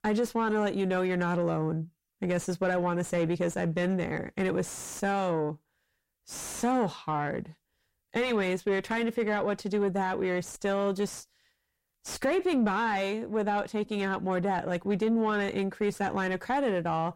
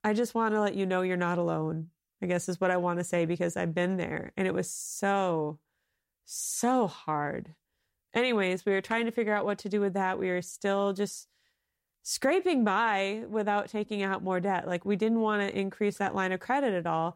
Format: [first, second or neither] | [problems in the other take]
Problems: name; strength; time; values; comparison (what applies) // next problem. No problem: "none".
second | distortion; slight; 10 dB below the speech